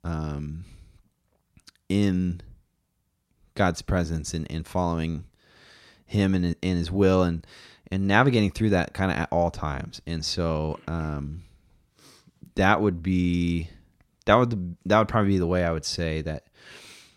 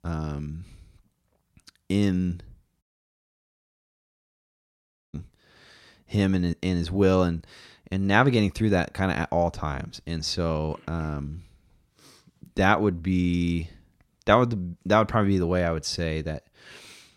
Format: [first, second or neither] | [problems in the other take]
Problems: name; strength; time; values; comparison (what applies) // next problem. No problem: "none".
first | audio cutting out; at 3 s for 2.5 s